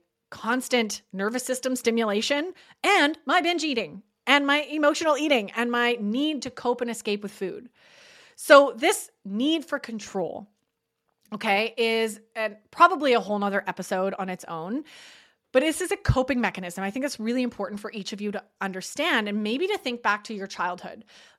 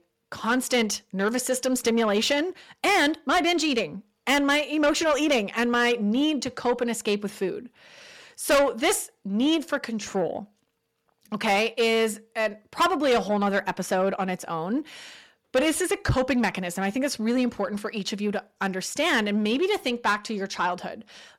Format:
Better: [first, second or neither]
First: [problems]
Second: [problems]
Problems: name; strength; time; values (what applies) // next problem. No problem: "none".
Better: first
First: none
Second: distortion; heavy; 7 dB below the speech